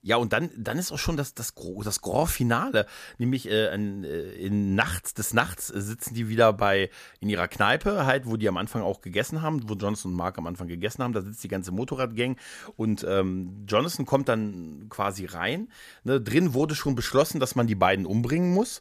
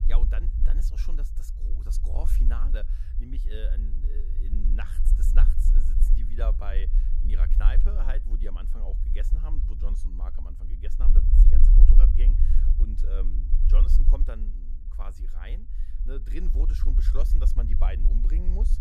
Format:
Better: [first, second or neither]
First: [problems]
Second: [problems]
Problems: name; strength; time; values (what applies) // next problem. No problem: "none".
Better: first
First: none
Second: low rumble; loud; throughout; 4 dB below the speech